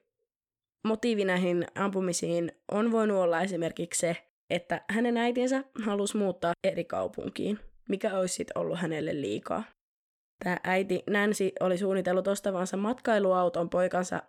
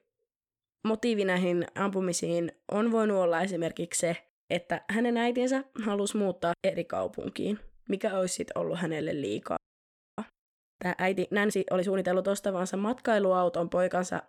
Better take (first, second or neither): first